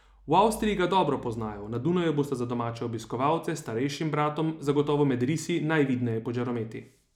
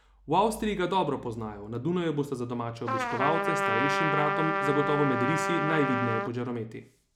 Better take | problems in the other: first | background sound (Trumpet); 1 dB above the speech

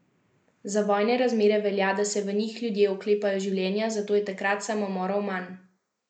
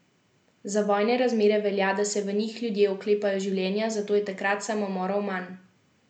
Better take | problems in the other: second | noise reduction (neural mask model Resemble Enhance denoiser)

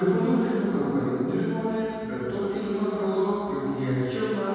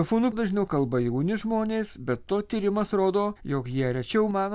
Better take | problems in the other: second | room echo; dies away in 2.1 s

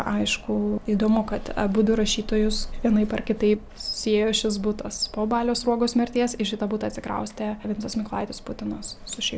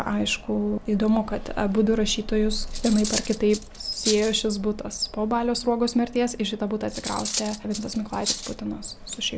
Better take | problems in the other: first | background sound (Cutlery, silverware); 8 dB below the speech

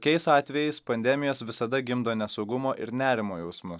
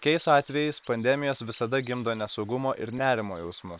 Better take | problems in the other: first | noise reduction (neural separator model SepFormer WHAM!)

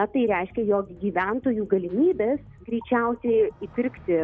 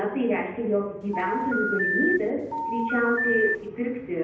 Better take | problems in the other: first | background sound (Telephone); 1 dB below the speech // room echo; dies away in 0.9 s

